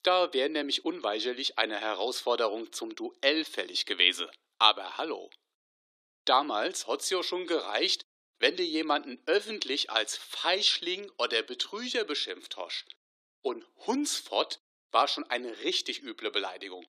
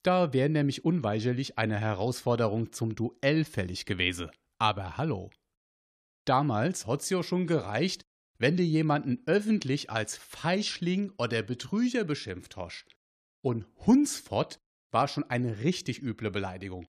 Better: second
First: thin; somewhat; fading below 300 Hz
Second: none

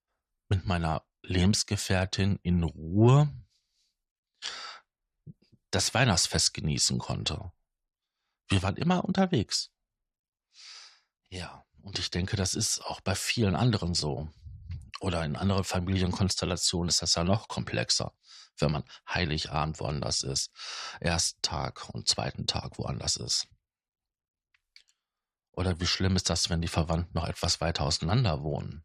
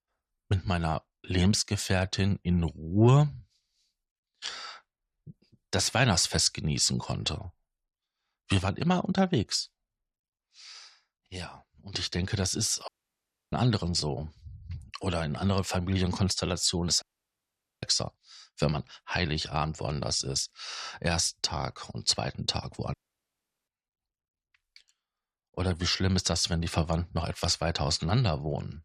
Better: first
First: none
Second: audio cutting out; at 13 s for 0.5 s, at 17 s for 1 s and at 23 s for 0.5 s

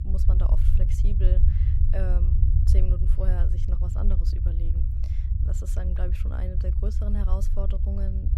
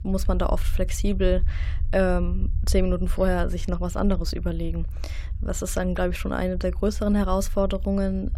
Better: second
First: low rumble; loud; throughout; 2 dB below the speech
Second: low rumble; faint; throughout; 25 dB below the speech

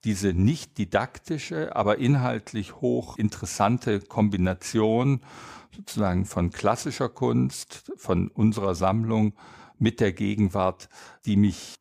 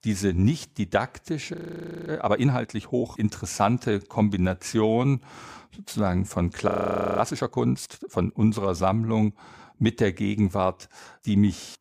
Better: first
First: none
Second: audio freezing; at 1.5 s for 0.5 s and at 6.5 s for 0.5 s

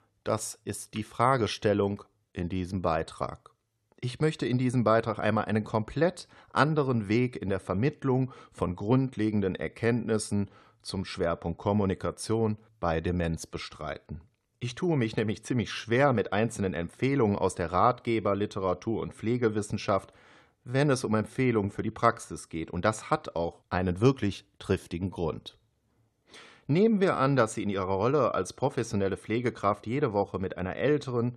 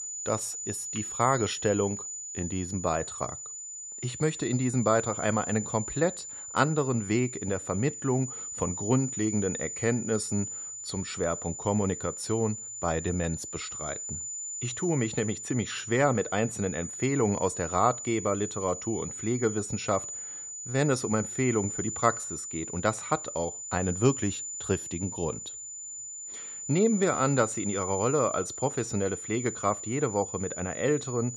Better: first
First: none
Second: high-pitched whine; loud; throughout; 7 kHz, 6 dB below the speech

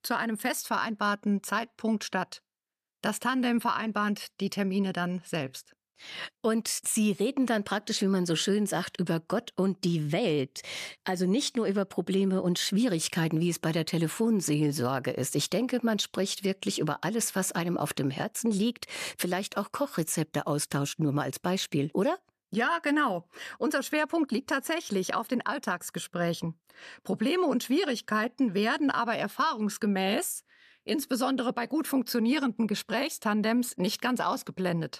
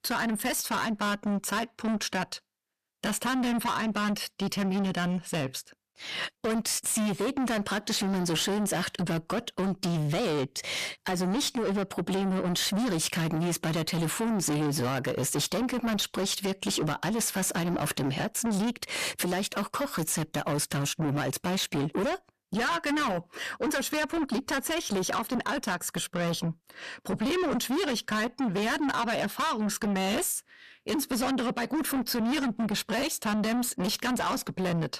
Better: first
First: none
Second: distortion; heavy; 7 dB below the speech

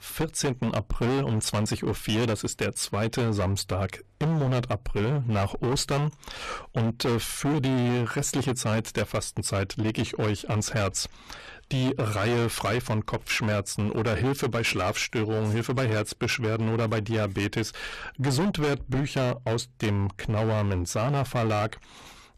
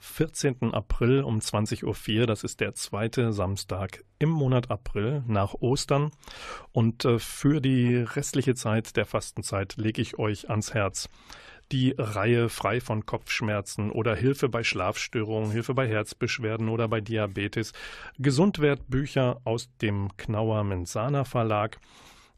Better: second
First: distortion; heavy; 21% of the sound clipped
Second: none

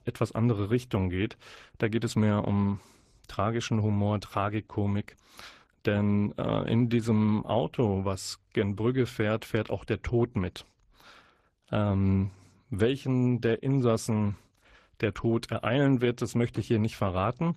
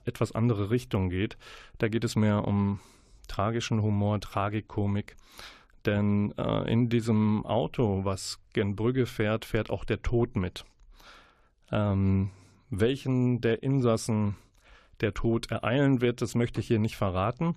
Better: second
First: garbled, watery; slightly; nothing above 14.5 kHz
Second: none

